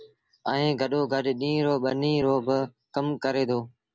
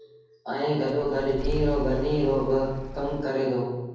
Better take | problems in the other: first | background sound (Engine starting / Car); 7 dB below the speech // room echo; dies away in 1.1 s

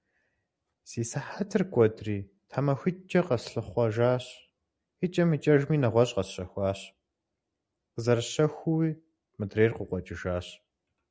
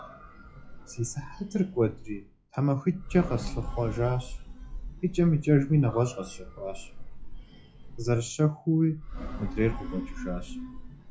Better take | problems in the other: first | noise reduction (classical method WPE with log-MMSE)

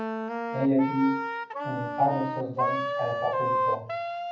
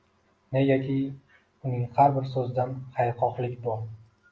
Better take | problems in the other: second | background sound (Wind instrument, woodwind instrument); 1 dB below the speech // room echo; dies away in 0.7 s

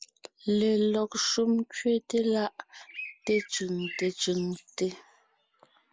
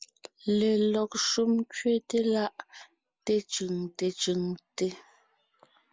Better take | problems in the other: second | background sound (Bird); 12 dB below the speech

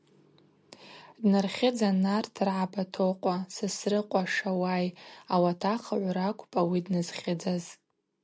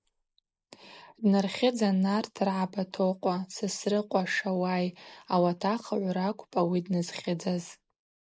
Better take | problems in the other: first | noise reduction (neural mask model Resemble Enhance denoiser)

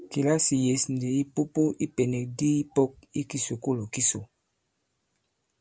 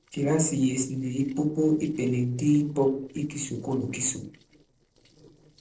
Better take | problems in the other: first | noise reduction (neural separator model SepFormer DNS4)

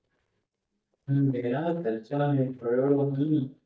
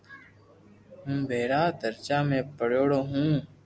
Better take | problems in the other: second | noise reduction (neural mask model DeepFilterNet 3)

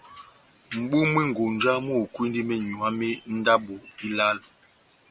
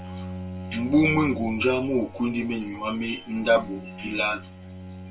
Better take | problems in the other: first | background sound (Bowed string instrument); 12 dB below the speech // room echo; dies away in 0.1 s

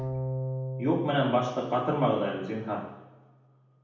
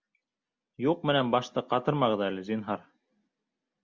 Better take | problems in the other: second | background sound (Bowed string instrument); 7 dB below the speech // room echo; dies away in 0.9 s

